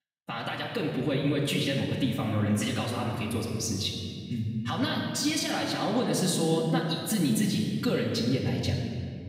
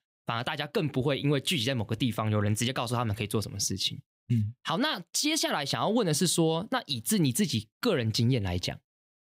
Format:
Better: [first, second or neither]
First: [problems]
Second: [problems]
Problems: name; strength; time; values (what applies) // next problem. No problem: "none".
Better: second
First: off-mic speech; far // room echo; noticeable; dies away in 2 s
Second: none